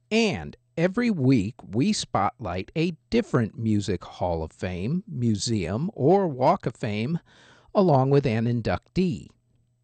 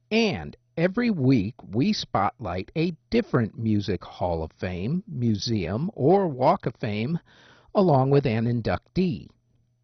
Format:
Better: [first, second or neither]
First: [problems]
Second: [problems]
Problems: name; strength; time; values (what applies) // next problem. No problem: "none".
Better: first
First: garbled, watery; slightly; nothing above 8.5 kHz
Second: garbled, watery; badly; nothing above 6 kHz